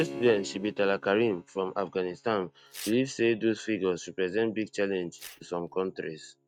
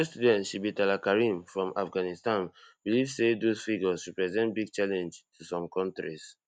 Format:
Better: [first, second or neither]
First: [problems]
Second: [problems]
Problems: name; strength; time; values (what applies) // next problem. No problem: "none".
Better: second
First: noise reduction (neural mask model RNNoise)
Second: none